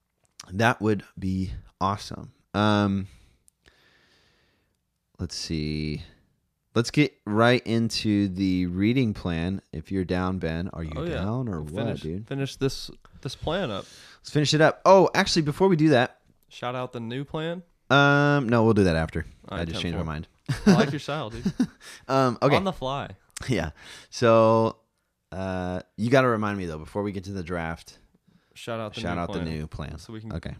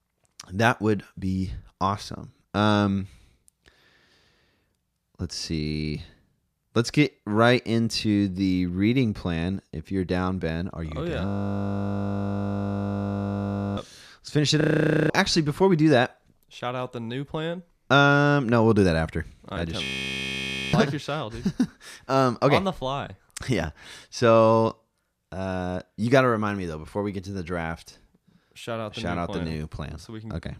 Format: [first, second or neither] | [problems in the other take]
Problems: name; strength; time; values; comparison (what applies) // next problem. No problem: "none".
first | audio freezing; at 11 s for 2.5 s, at 15 s and at 20 s for 1 s